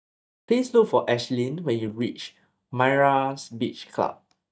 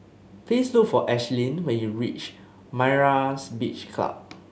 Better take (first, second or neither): second